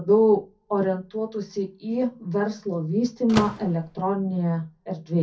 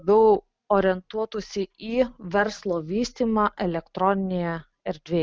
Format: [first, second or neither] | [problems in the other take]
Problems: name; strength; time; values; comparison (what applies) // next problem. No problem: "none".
second | background sound (Slam / Microwave oven); 9 dB below the speech // room echo; dies away in 0.3 s